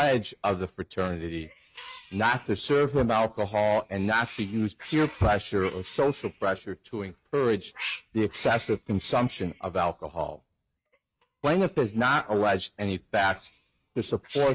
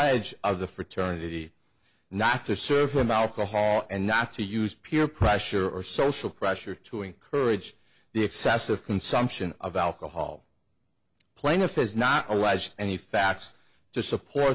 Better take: second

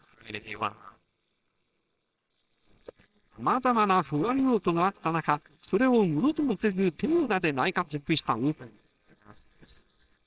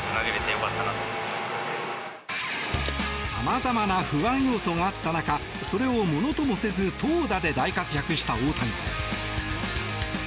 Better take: second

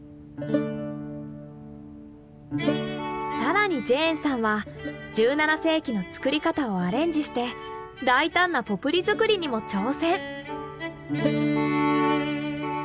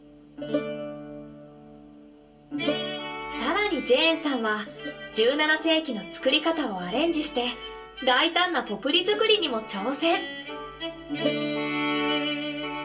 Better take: first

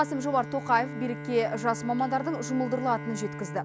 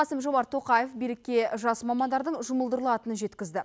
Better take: second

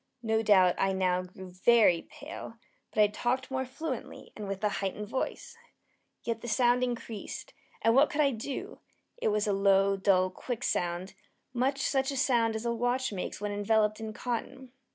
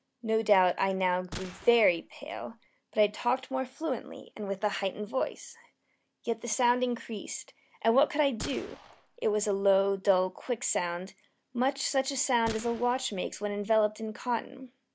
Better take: first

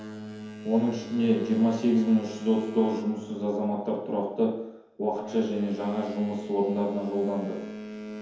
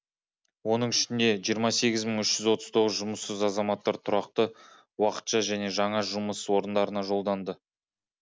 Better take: second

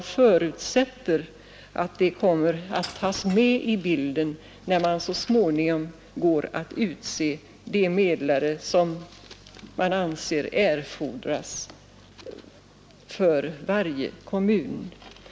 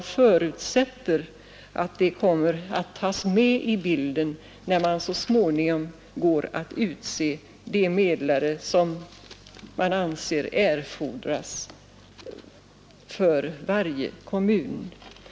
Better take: second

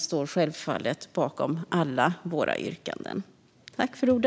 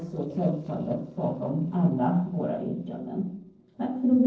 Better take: first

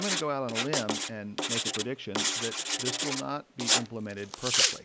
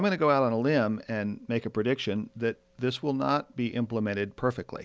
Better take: second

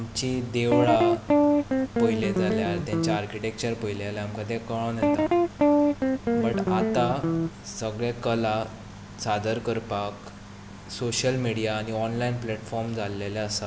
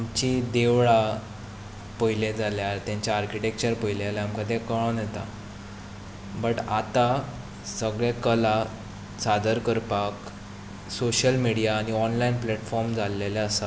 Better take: second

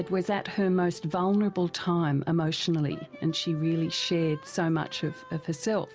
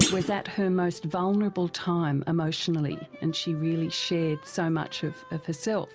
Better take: first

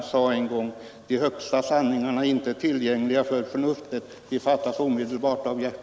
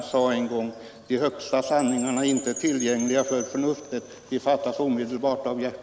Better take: first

